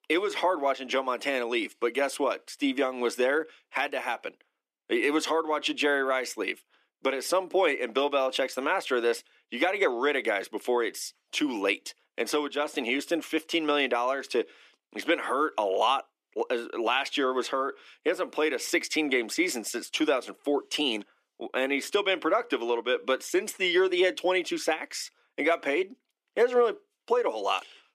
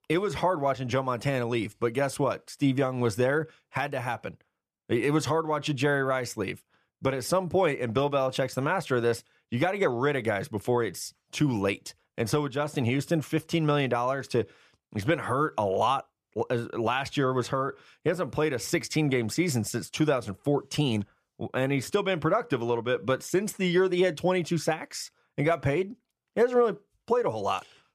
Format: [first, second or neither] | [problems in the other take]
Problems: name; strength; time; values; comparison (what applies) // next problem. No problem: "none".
second | thin; very slightly; fading below 250 Hz